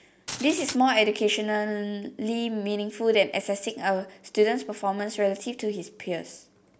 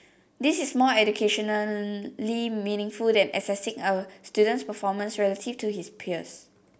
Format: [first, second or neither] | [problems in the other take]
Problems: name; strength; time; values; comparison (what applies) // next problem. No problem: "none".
second | background sound (Glass); 12 dB below the speech